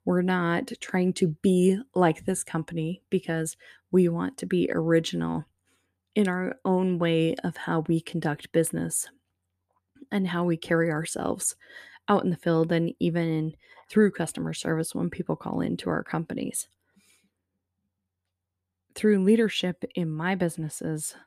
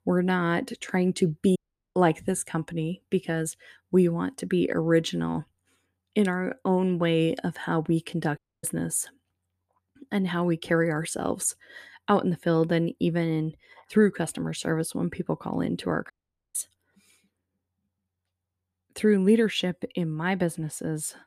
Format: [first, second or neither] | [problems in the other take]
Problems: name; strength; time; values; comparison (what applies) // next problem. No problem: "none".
first | audio cutting out; at 1.5 s, at 8.5 s and at 16 s